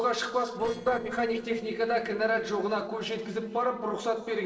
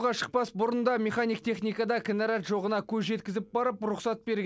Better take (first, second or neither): second